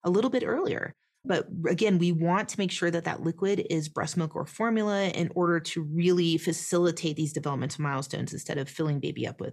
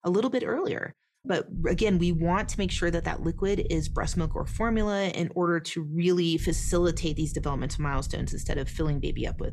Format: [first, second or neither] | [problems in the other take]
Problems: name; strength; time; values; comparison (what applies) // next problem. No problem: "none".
first | low rumble; faint; from 1.5 to 5 s and from 6.5 s on; 25 dB below the speech